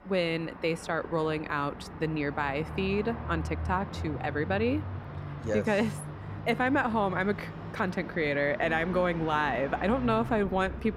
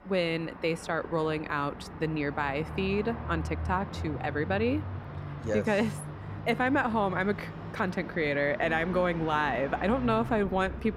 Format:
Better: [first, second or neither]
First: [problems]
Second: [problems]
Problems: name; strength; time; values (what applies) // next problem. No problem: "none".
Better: neither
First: traffic noise; loud; throughout; 10 dB below the speech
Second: traffic noise; loud; throughout; 10 dB below the speech